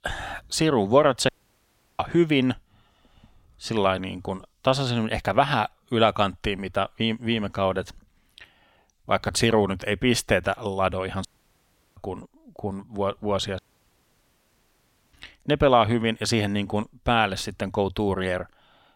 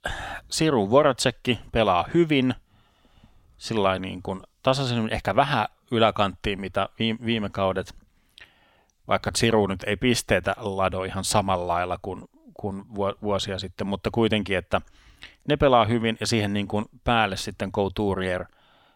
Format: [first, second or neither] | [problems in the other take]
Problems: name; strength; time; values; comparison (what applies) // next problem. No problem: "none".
second | audio cutting out; at 1.5 s for 0.5 s, at 11 s for 0.5 s and at 14 s for 1.5 s